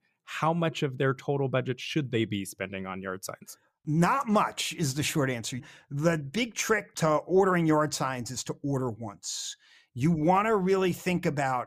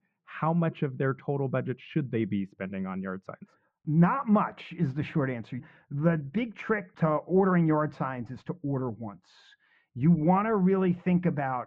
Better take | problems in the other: first | muffled; very; fading above 2 kHz

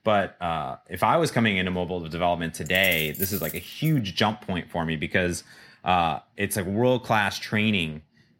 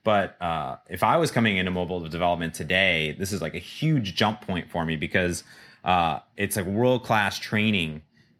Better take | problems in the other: second | jangling keys; noticeable; from 2.5 to 4 s; peak 4 dB below the speech

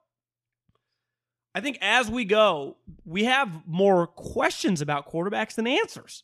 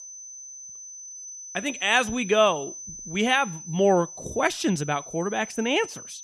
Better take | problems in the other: first | high-pitched whine; noticeable; throughout; 6 kHz, 15 dB below the speech

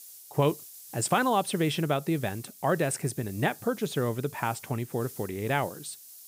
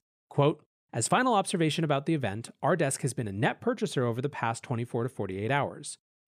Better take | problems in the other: second | hiss; noticeable; throughout; 15 dB below the speech

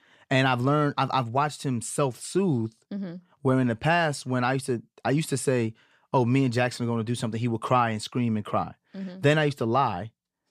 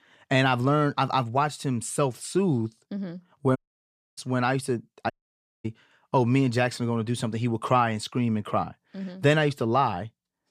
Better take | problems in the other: first | audio cutting out; at 3.5 s for 0.5 s and at 5 s for 0.5 s

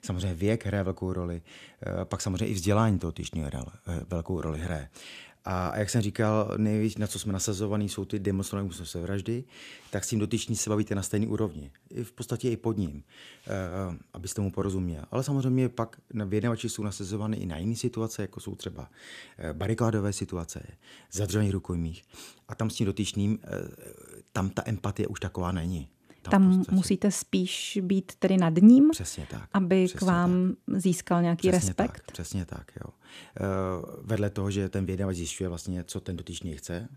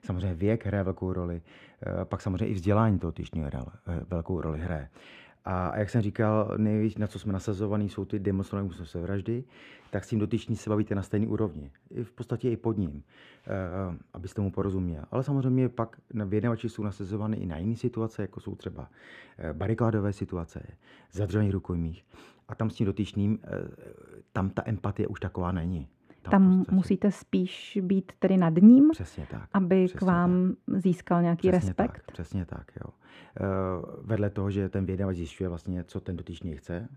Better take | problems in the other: first | muffled; very; fading above 3.5 kHz

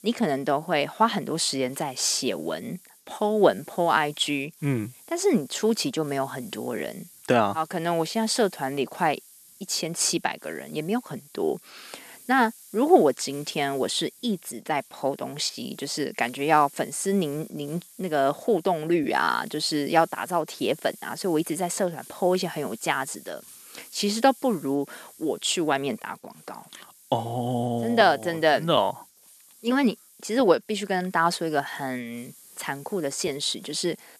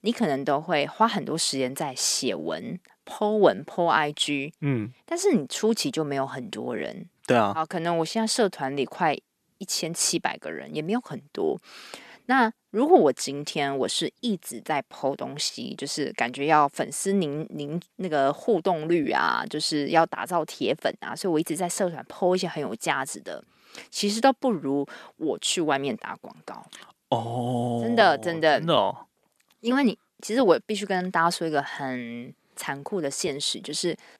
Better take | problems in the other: second | hiss; faint; throughout; 20 dB below the speech

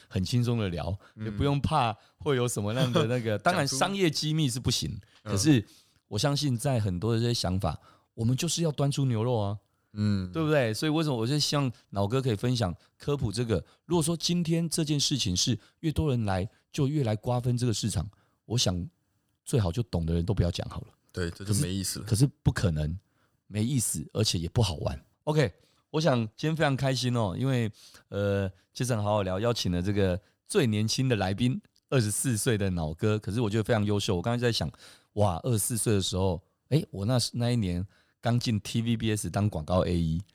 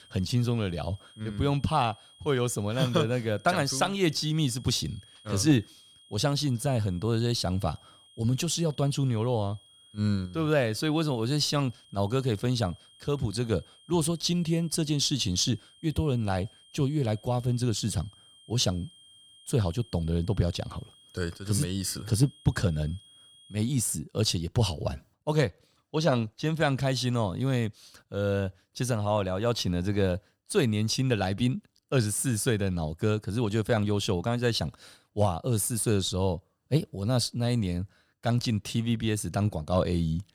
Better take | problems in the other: first | high-pitched whine; faint; until 24 s; 3.5 kHz, 25 dB below the speech

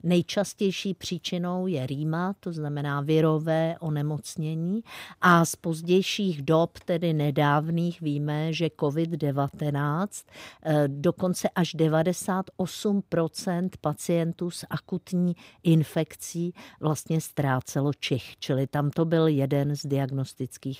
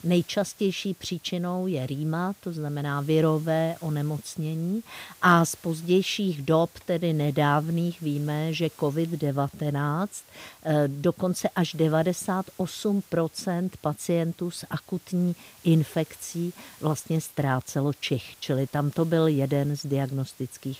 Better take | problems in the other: first | hiss; faint; throughout; 25 dB below the speech

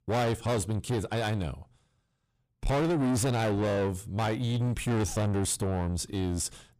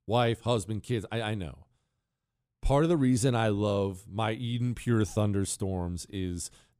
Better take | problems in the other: second | distortion; heavy; 7 dB below the speech

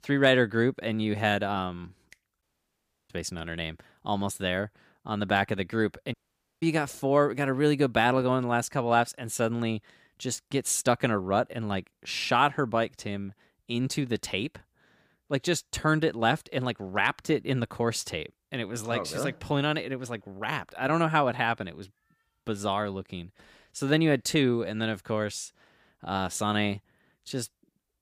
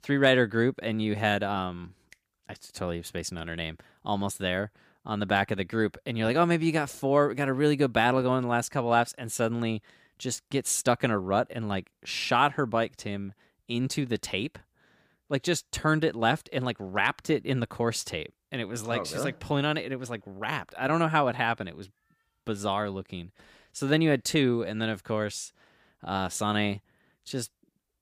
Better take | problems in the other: second | audio cutting out; at 2.5 s for 0.5 s and at 6 s

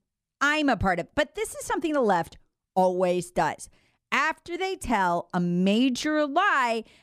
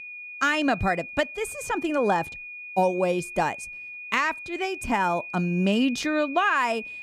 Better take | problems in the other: first | high-pitched whine; noticeable; throughout; 2.5 kHz, 10 dB below the speech

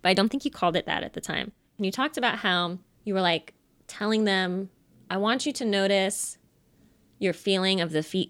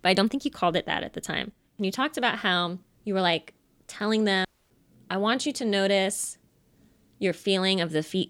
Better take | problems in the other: first | audio cutting out; at 4.5 s

